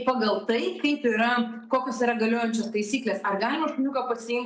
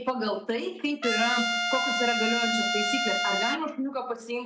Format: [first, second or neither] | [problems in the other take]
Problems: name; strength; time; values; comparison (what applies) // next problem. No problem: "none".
first | background sound (Trumpet); 2 dB above the speech